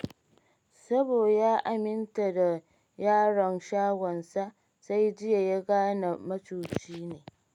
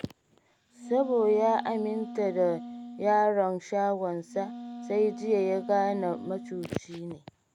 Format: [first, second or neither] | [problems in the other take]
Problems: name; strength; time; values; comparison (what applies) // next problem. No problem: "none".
first | background sound (Wind instrument, woodwind instrument); 13 dB below the speech